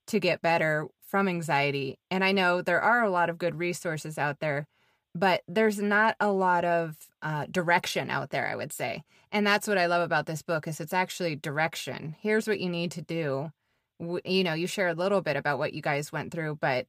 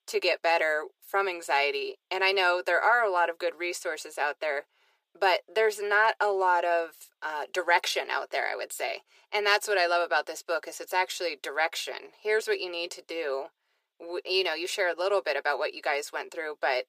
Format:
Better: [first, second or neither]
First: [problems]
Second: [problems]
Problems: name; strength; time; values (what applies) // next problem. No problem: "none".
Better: first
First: none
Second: thin; very; fading below 400 Hz